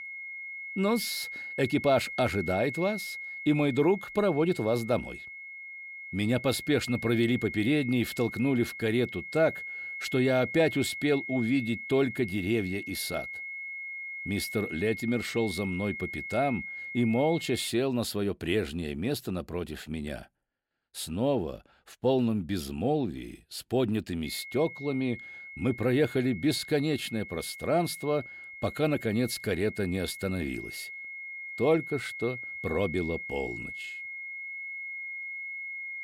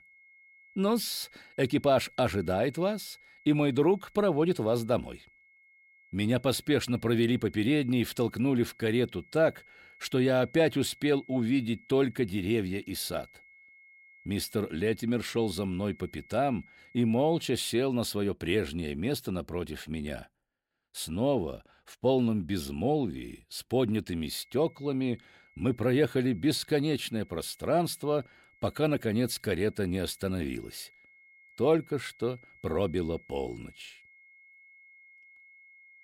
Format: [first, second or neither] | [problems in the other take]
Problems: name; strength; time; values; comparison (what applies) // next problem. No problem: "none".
second | high-pitched whine; loud; until 18 s and from 24 s on; 2 kHz, 9 dB below the speech; faint in the second